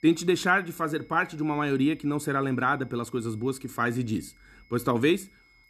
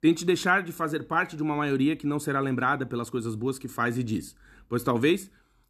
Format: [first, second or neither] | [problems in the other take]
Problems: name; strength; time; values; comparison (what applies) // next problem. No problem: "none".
second | high-pitched whine; faint; throughout; 2 kHz, 30 dB below the speech